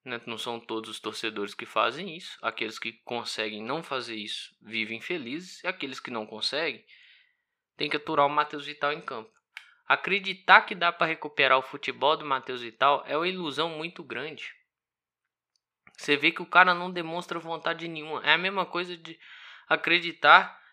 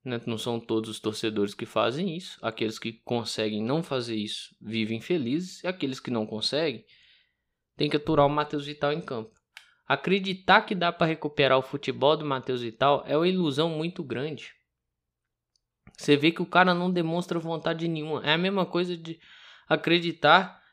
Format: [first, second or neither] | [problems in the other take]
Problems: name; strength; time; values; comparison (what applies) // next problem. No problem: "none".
second | thin; somewhat; fading below 400 Hz